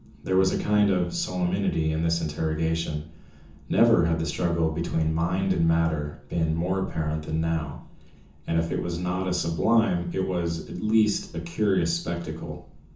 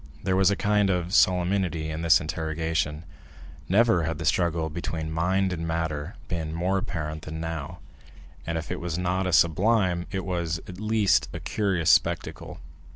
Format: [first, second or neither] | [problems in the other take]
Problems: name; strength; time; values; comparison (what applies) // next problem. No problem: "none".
second | room echo; dies away in 0.6 s